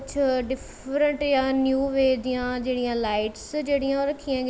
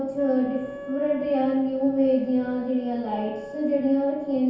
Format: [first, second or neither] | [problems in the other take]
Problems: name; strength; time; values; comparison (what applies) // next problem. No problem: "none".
first | background sound (Wind instrument, woodwind instrument); 15 dB below the speech // room echo; dies away in 0.8 s